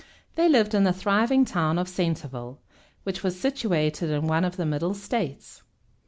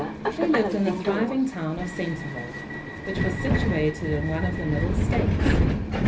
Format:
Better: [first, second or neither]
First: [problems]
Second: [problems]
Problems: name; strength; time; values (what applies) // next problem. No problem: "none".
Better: first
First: none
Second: background sound (Subway, metro, underground); 2 dB above the speech // room echo; dies away in 0.3 s